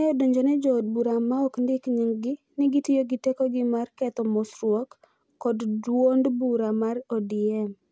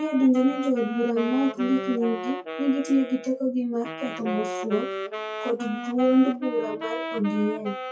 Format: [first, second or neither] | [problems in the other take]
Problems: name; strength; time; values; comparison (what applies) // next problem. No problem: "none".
first | noise reduction (classical method WPE with log-MMSE)